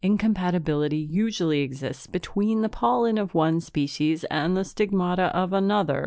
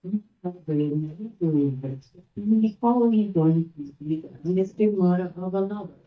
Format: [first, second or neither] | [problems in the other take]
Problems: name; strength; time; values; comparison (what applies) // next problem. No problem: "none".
first | noise reduction (neural mask model DeepFilterNet 3)